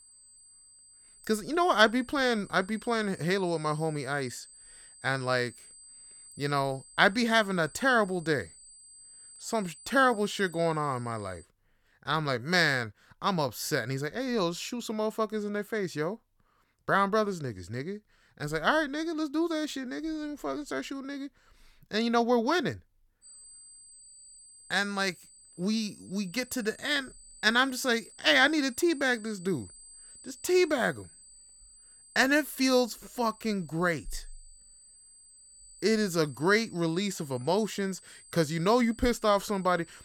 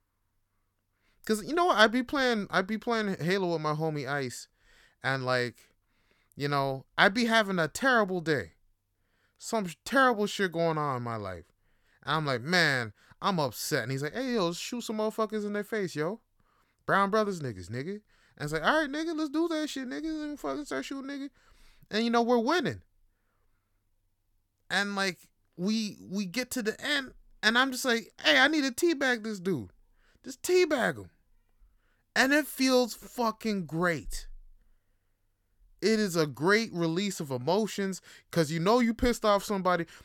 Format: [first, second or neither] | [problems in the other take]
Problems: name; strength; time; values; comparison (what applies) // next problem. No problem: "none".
second | high-pitched whine; faint; until 11 s and from 23 s on; 8 kHz, 20 dB below the speech